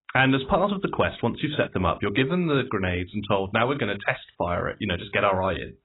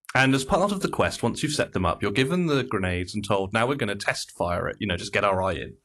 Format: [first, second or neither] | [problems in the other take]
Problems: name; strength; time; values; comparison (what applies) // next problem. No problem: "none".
second | garbled, watery; badly; nothing above 4 kHz; slightly in the second